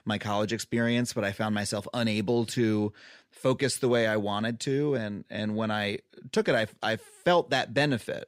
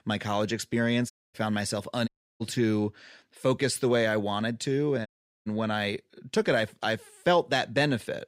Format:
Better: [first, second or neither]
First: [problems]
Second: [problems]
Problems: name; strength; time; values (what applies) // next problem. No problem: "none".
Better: first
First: none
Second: audio cutting out; at 1 s, at 2 s and at 5 s